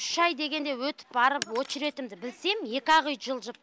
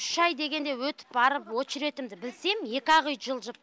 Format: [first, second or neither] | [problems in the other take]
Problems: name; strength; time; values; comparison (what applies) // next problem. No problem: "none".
second | background sound (Shatter); 16 dB below the speech